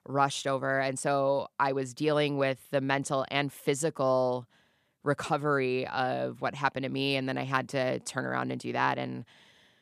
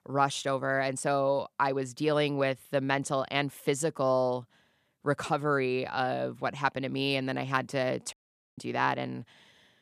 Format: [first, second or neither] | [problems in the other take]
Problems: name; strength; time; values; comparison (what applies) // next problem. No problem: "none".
first | audio cutting out; at 8 s